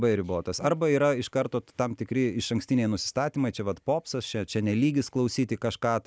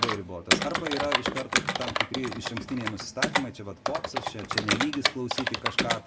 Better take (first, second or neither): first